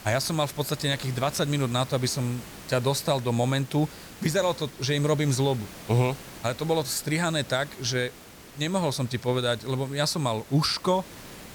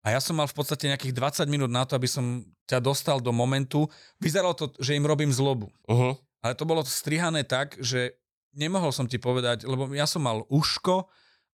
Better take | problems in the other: second | hiss; noticeable; throughout; 15 dB below the speech

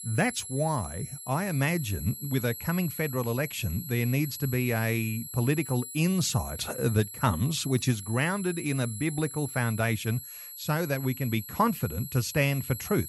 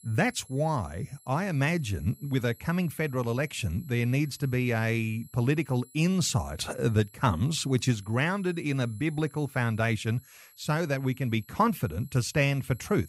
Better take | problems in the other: second | high-pitched whine; loud; throughout; 11.5 kHz, 10 dB below the speech; faint in the second

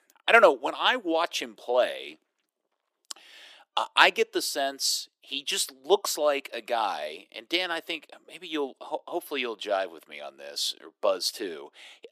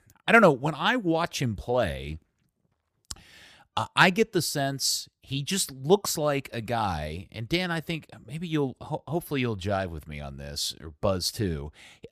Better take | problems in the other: second | thin; very; fading below 300 Hz

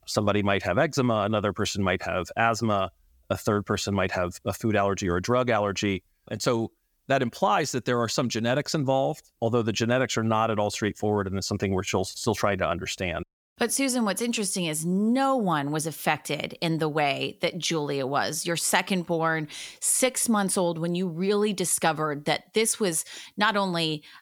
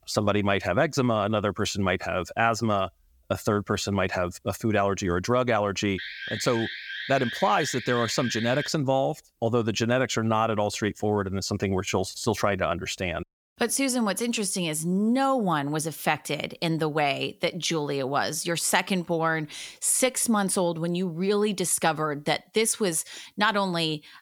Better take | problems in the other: first | alarm; noticeable; from 6 to 8.5 s; peak 8 dB below the speech

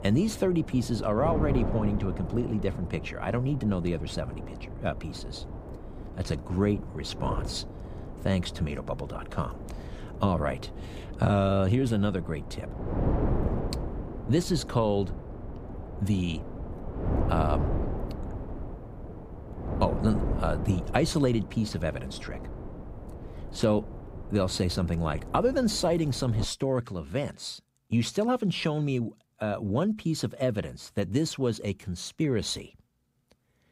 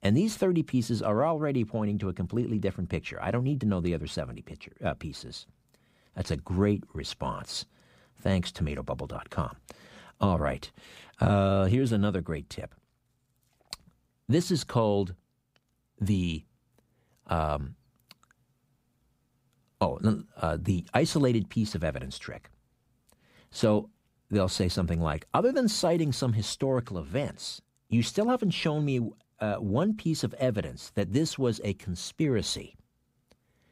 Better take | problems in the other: second | wind noise on the microphone; occasional gusts; until 26 s; 10 dB below the speech

